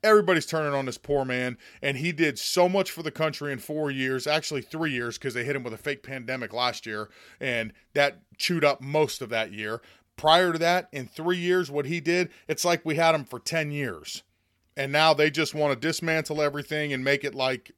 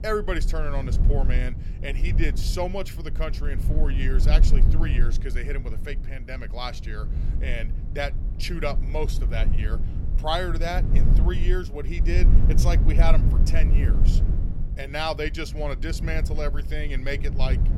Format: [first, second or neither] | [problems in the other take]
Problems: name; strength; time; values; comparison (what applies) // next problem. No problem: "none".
first | low rumble; loud; throughout; 10 dB below the speech